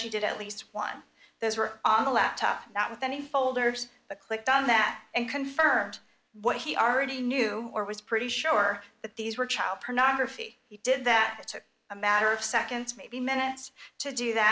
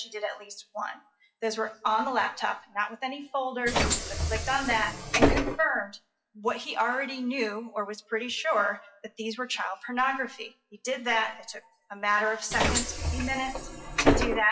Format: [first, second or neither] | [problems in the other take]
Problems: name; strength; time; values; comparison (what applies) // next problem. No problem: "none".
first | noise reduction (classical method WPE with log-MMSE)